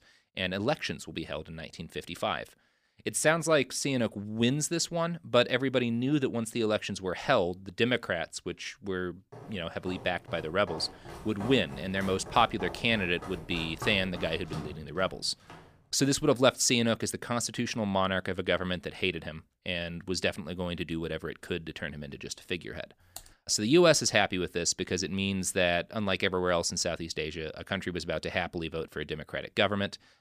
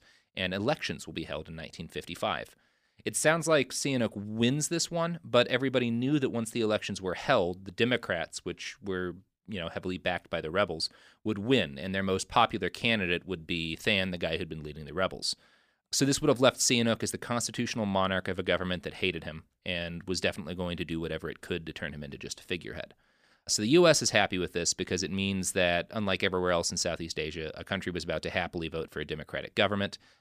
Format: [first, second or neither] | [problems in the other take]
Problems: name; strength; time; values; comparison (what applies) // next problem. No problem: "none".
second | footsteps; noticeable; from 9.5 to 16 s; peak 10 dB below the speech // keyboard typing; faint; at 23 s; peak 20 dB below the speech